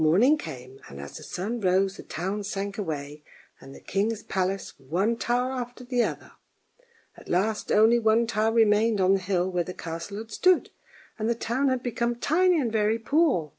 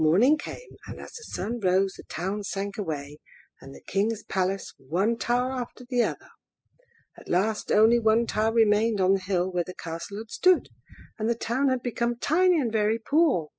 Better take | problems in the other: first | noise reduction (classical method spectral subtraction)

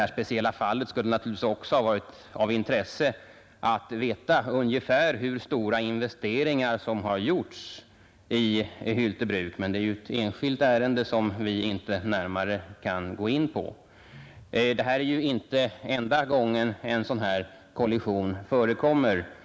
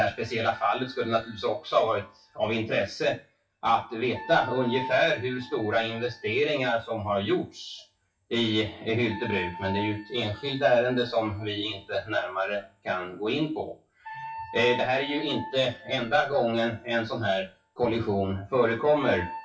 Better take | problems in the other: first | noise reduction (classical method WPE with log-MMSE)

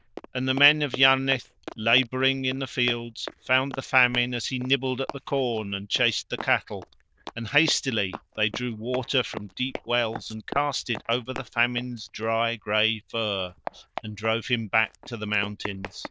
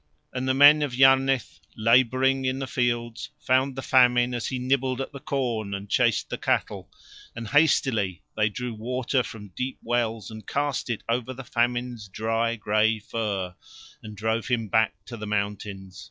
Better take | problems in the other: second | noise reduction (neural diffusion model UNIVERSE++)

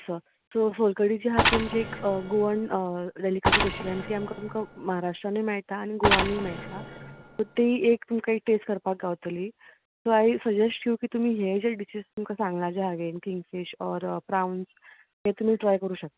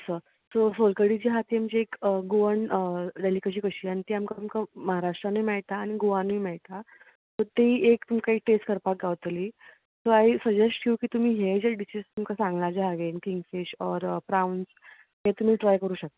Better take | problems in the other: second | background sound (Mechanisms); 2 dB below the speech

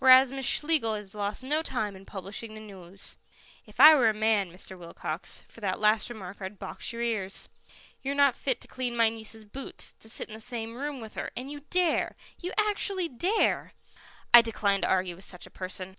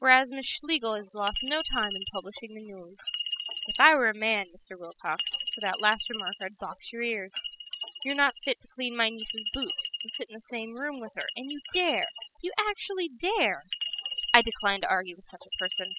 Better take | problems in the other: first | noise reduction (classical method spectral subtraction)

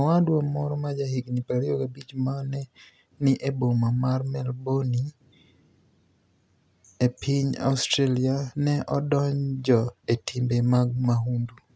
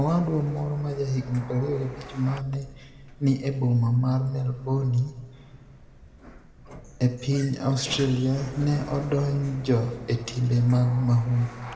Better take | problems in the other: first | background sound (Sliding door); 17 dB below the speech // room echo; dies away in 1.3 s

